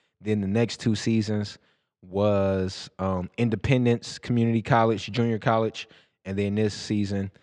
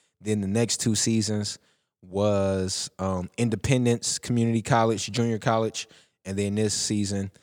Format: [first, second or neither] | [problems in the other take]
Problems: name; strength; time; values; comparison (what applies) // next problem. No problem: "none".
second | muffled; slightly; fading above 3 kHz